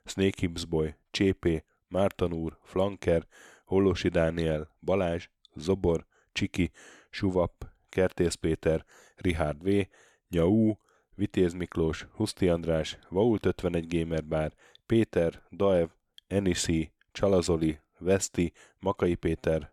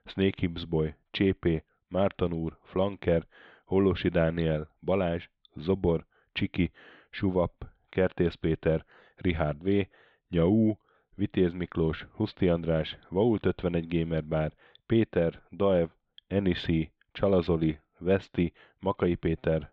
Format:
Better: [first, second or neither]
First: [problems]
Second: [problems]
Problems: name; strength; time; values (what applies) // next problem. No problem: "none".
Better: first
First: none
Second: muffled; very; fading above 3.5 kHz